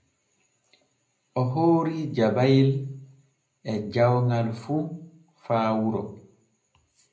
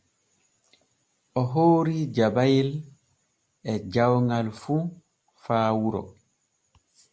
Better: second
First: room echo; dies away in 0.5 s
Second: none

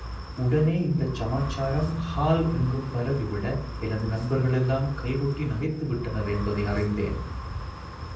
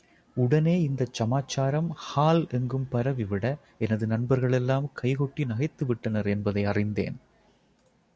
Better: second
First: background sound (Wind); 8 dB below the speech // room echo; dies away in 0.6 s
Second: none

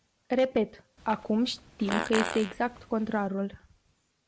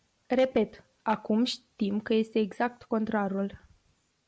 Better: second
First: background sound (Fart); 7 dB below the speech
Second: none

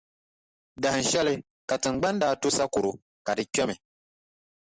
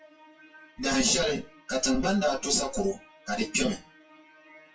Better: first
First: none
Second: noise reduction (classical method WPE with log-MMSE)

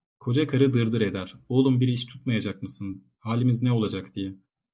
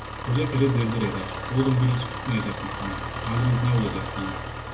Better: first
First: none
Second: background sound (Engine); 7 dB below the speech // room echo; dies away in 0.9 s

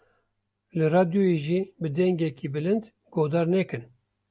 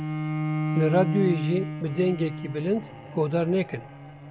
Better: first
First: none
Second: background sound (Bowed string instrument); 4 dB below the speech

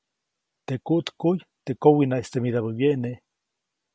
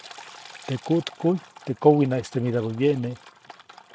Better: first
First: none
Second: noise reduction (neural mask model RNNoise)

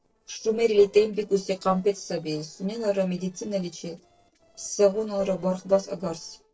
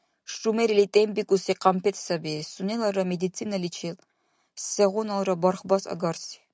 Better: second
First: noise reduction (neural separator model SepFormer DNS4)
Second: none

